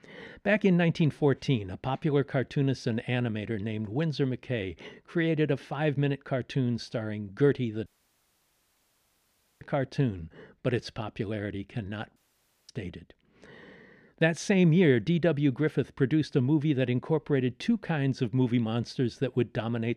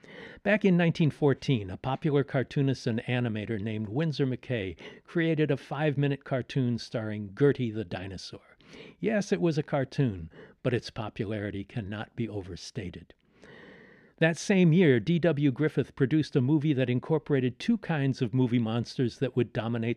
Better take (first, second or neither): second